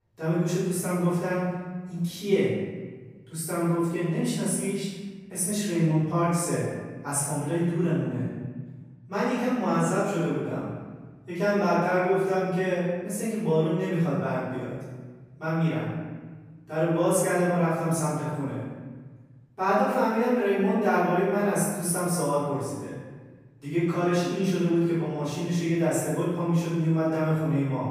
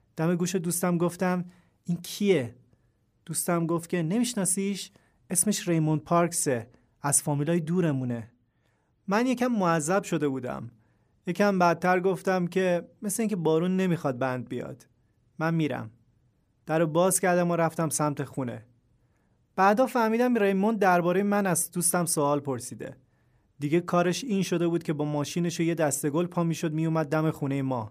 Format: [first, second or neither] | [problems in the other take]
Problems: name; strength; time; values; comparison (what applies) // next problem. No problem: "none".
second | off-mic speech; far // room echo; strong; dies away in 1.3 s